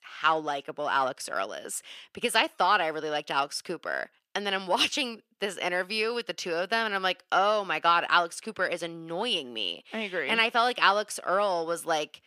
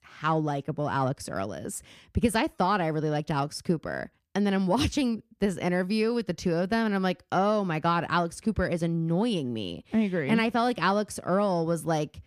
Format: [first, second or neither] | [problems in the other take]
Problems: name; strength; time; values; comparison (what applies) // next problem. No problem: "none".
second | thin; very; fading below 550 Hz